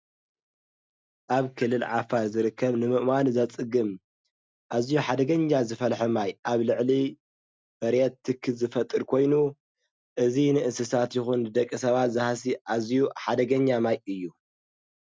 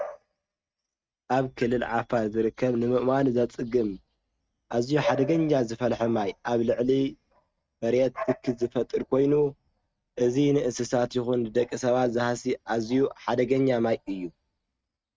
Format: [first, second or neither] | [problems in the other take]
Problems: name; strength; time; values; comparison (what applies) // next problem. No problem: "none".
first | noise reduction (neural mask model RNNoise)